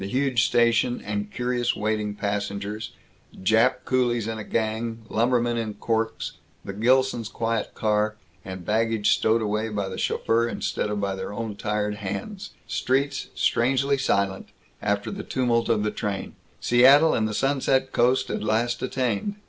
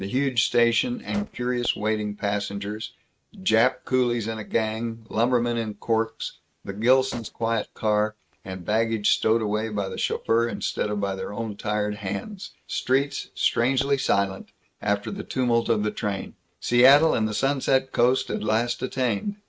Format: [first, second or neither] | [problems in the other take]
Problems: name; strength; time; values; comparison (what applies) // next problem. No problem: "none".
first | noise reduction (neural mask model RNNoise)